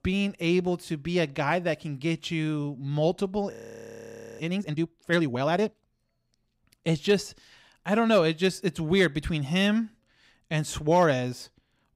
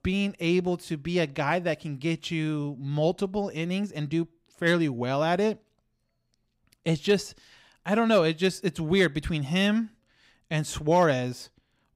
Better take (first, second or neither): second